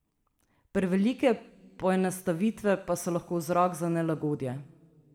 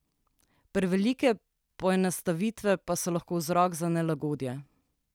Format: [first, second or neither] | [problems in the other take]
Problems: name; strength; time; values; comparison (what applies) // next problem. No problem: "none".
second | room echo; dies away in 1.1 s